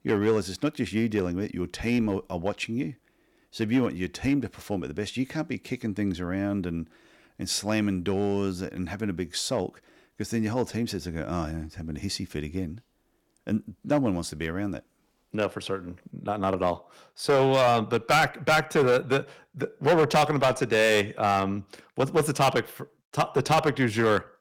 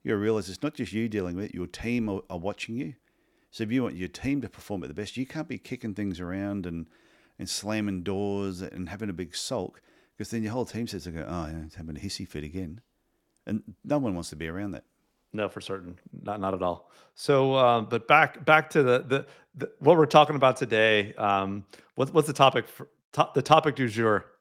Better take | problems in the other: second | distortion; heavy; 4% of the sound clipped

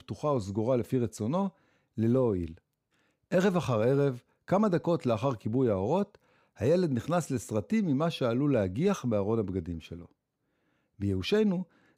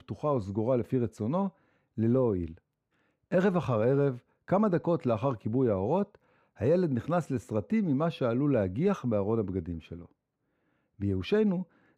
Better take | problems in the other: first | muffled; slightly; fading above 3.5 kHz

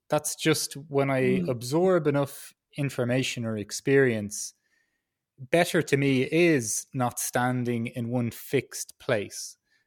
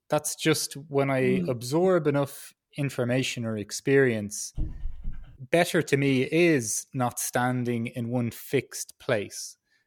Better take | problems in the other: first | dog barking; faint; at 4.5 s; peak 10 dB below the speech

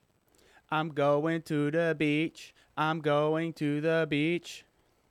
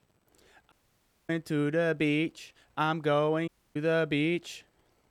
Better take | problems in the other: first | audio cutting out; at 0.5 s for 0.5 s and at 3.5 s

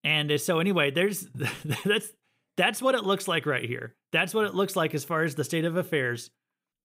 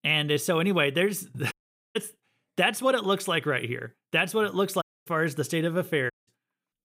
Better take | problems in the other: first | audio cutting out; at 1.5 s, at 5 s and at 6 s

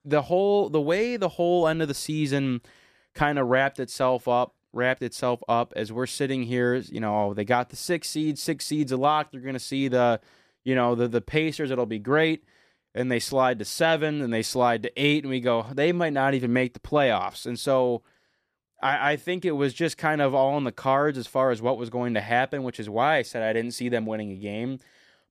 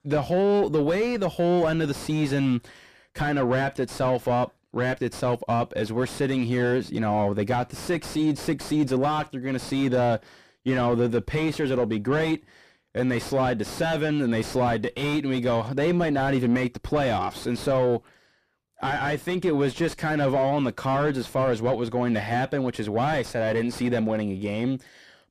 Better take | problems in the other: first | distortion; heavy; 6 dB below the speech

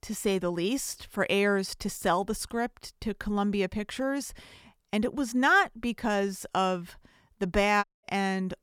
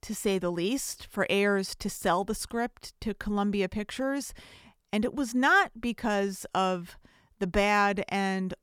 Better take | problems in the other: second | audio cutting out; at 8 s

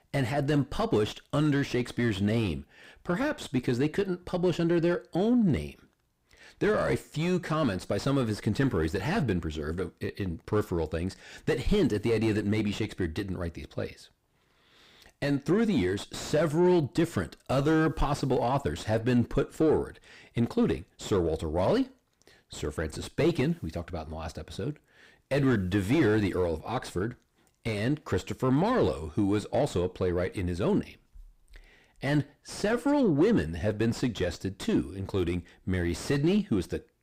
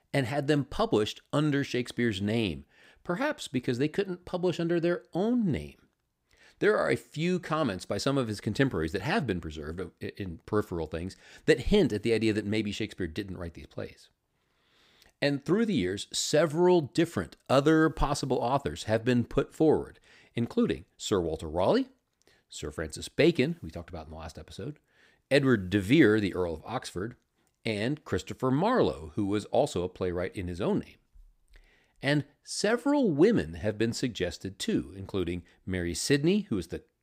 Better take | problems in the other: second | distortion; heavy; 7 dB below the speech

